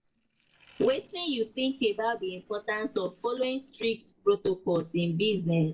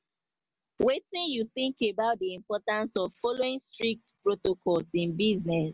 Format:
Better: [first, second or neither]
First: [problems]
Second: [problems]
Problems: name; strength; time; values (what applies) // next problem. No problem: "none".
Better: second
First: noise reduction (neural separator model SepFormer DNS4)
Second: none